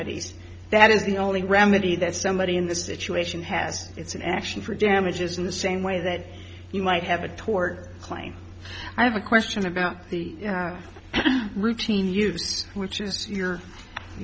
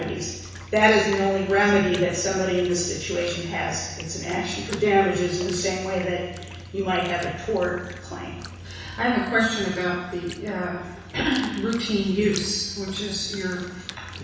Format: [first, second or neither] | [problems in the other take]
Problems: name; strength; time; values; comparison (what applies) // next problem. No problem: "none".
first | background sound (Bathtub (filling or washing)); 20 dB below the speech // room echo; dies away in 1.1 s